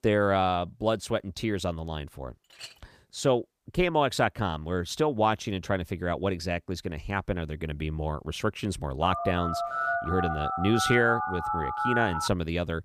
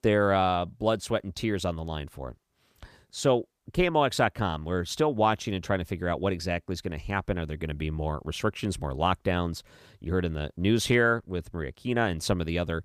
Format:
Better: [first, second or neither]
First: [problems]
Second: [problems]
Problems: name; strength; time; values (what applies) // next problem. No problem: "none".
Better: second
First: clattering dishes; faint; at 2.5 s; peak 15 dB below the speech // phone ringing; loud; from 9 to 12 s; peak level with the speech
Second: none